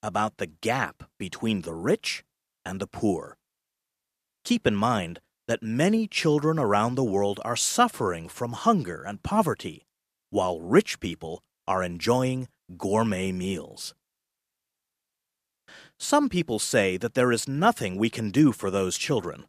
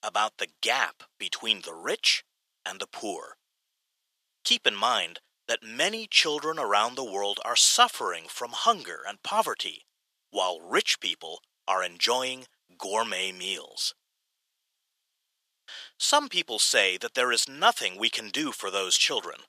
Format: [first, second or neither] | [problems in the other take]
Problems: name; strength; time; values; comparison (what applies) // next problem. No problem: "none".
first | thin; very; fading below 650 Hz